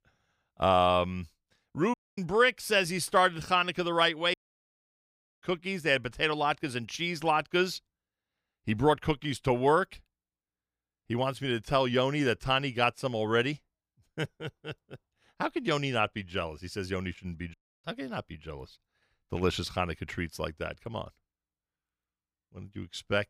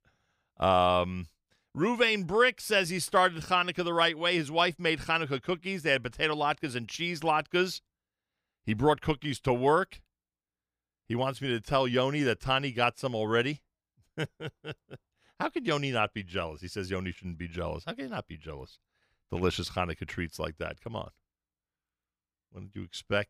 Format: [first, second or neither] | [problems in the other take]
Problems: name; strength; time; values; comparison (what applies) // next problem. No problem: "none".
second | audio cutting out; at 2 s, at 4.5 s for 1 s and at 18 s